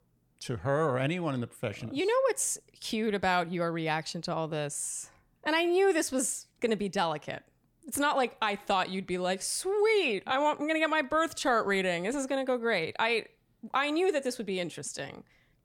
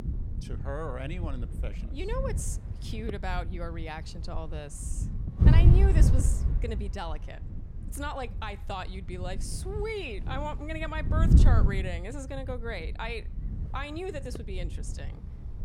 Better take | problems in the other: first | wind noise on the microphone; heavy; 5 dB below the speech

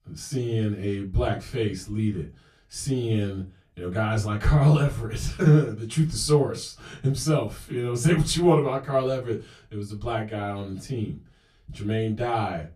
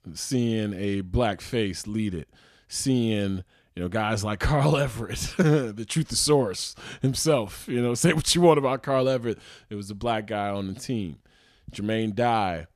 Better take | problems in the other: second | off-mic speech; far // room echo; very slight; dies away in 0.2 s

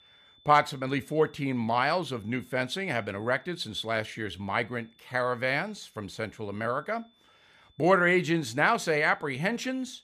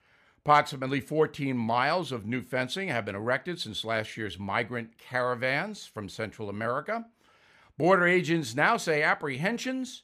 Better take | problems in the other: second | high-pitched whine; faint; throughout; 3.5 kHz, 35 dB below the speech

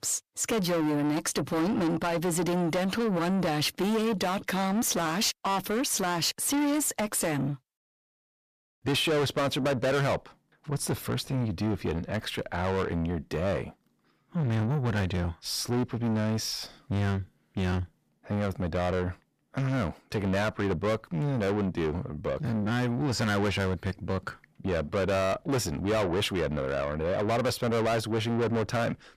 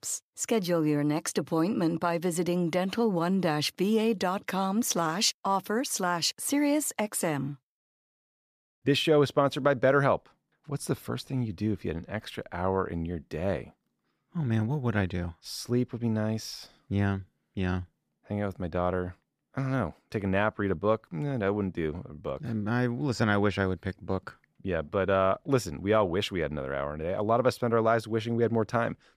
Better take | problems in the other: second | distortion; heavy; 6 dB below the speech

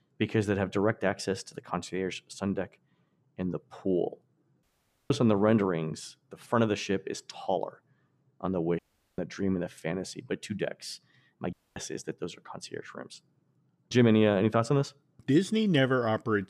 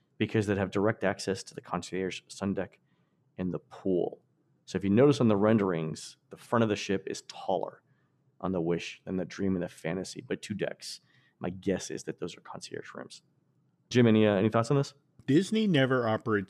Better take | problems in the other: second | audio cutting out; at 4.5 s, at 9 s and at 12 s

